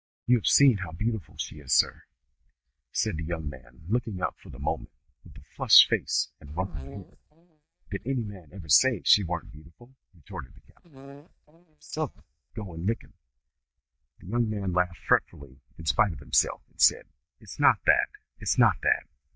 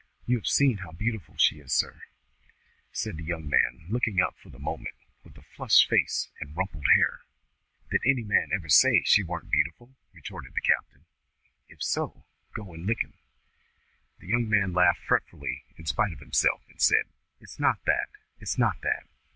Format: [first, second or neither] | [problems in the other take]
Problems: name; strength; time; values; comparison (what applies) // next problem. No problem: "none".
second | noise reduction (neural mask model DeepFilterNet 3)